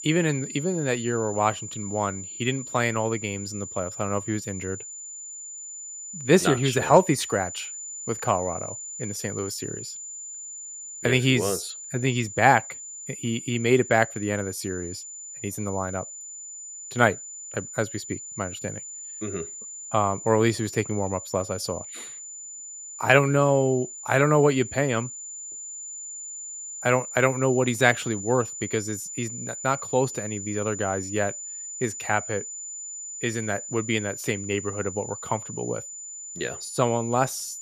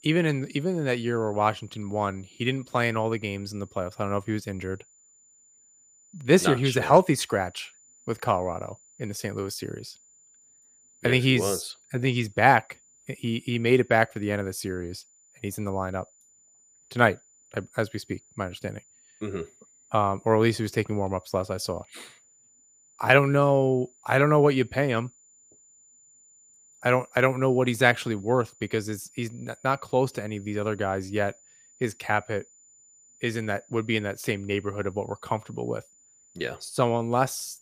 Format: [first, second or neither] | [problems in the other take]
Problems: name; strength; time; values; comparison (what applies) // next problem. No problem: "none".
second | high-pitched whine; loud; throughout; 7 kHz, 9 dB below the speech; faint in the second